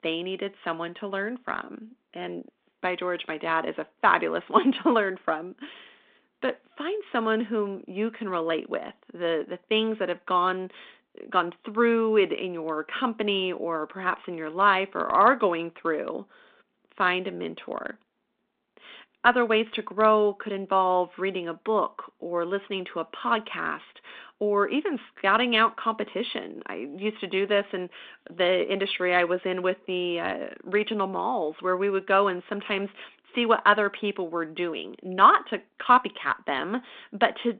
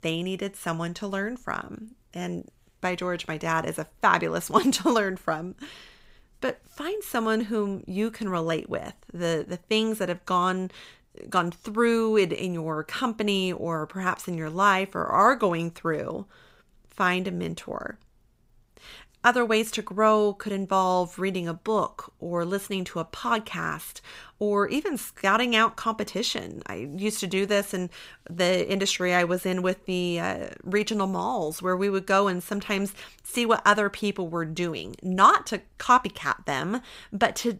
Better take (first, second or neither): second